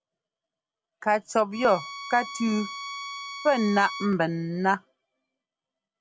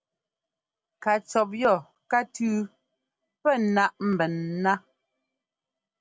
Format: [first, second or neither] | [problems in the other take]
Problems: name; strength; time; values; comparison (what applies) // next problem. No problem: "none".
second | background sound (Bowed string instrument); 11 dB below the speech